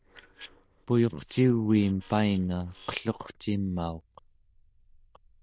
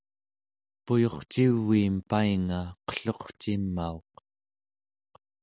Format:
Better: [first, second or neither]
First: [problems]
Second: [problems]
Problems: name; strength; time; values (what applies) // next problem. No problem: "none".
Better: second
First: noise reduction (neural diffusion model UNIVERSE++)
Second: none